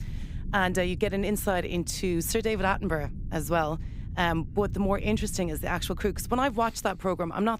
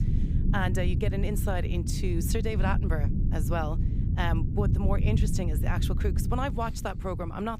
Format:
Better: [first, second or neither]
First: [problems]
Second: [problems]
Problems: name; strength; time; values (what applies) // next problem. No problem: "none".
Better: first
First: low rumble; faint; throughout; 25 dB below the speech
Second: low rumble; loud; throughout; 8 dB below the speech